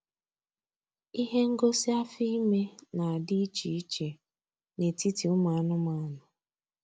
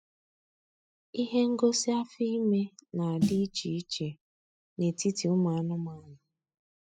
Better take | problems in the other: first | noise reduction (classical method spectral subtraction)

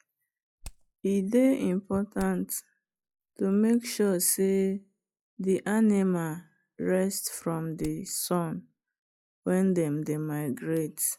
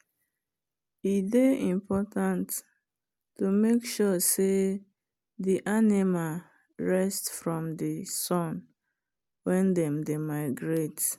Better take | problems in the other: second | noise reduction (classical method log-MMSE)

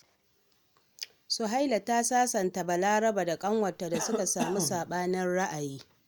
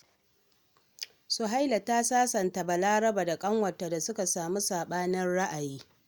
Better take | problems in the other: second | background sound (Cough); 8 dB below the speech

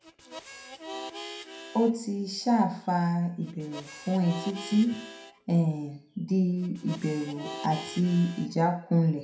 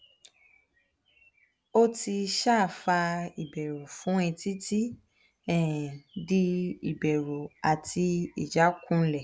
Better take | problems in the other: second | background sound (Harmonica); 14 dB below the speech // room echo; dies away in 0.4 s

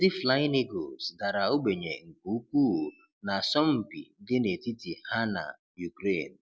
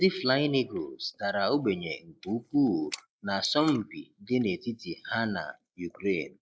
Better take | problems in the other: first | noise reduction (neural mask model Resemble Enhance denoiser)

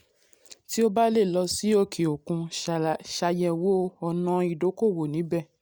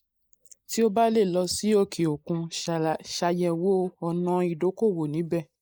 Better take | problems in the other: first | noise reduction (neural mask model Resemble Enhance denoiser)

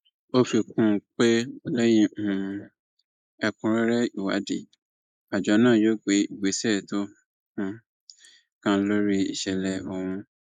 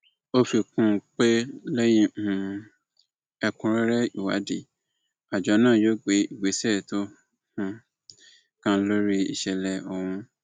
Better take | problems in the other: second | noise reduction (neural mask model Resemble Enhance denoiser)

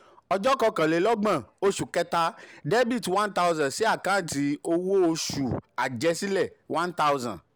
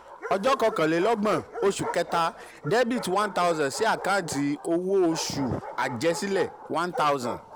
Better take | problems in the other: first | background sound (Bark); 12 dB below the speech

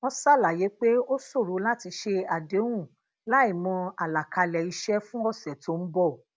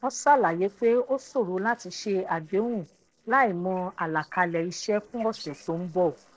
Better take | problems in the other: first | noise reduction (neural separator model SepFormer DNS4)

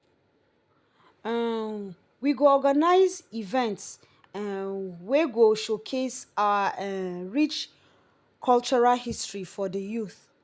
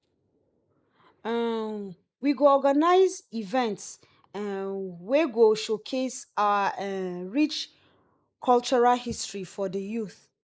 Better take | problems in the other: first | noise reduction (neural mask model Resemble Enhance denoiser)

